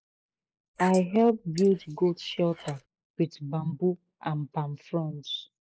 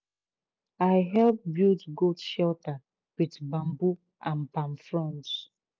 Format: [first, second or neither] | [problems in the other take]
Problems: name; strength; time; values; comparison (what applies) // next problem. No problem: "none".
second | noise reduction (neural mask model Resemble Enhance denoiser)